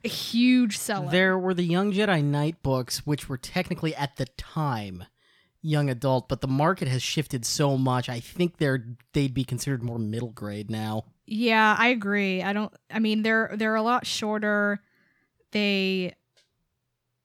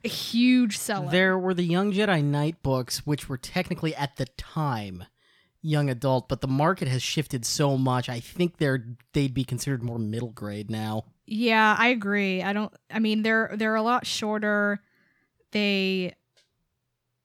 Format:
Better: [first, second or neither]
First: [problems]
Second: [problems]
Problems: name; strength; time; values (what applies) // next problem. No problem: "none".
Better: neither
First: none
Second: none